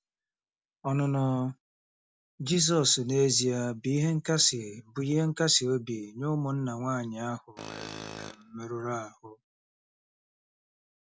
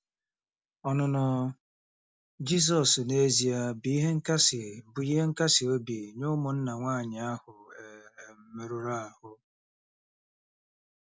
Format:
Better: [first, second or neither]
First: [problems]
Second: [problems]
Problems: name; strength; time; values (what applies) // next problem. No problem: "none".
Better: second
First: background sound (Tools); 13 dB below the speech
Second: none